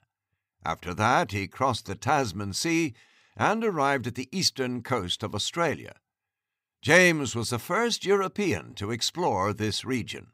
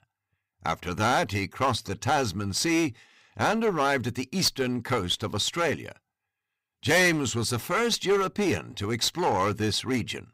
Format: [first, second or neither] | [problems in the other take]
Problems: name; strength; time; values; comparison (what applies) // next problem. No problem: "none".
first | distortion; heavy; 7% of the sound clipped